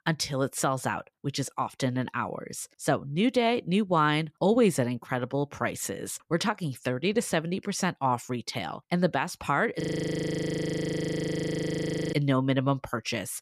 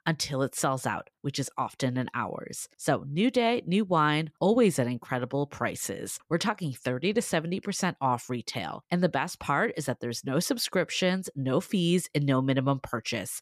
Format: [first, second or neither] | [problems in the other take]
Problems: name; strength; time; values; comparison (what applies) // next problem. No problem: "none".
second | audio freezing; at 10 s for 2.5 s